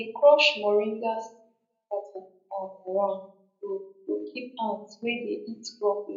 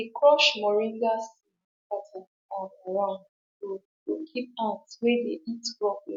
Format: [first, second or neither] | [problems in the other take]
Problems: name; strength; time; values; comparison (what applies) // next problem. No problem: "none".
second | room echo; dies away in 0.5 s